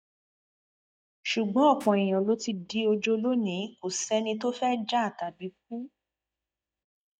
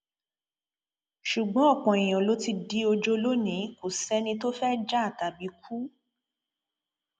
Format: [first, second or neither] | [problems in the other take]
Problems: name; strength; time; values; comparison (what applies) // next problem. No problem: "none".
second | noise reduction (neural mask model DeepFilterNet 3)